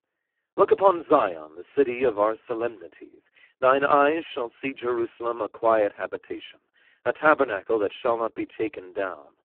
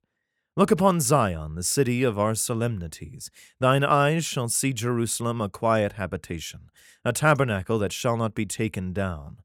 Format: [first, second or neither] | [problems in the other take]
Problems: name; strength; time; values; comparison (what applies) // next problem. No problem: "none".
second | phone-call audio; poor line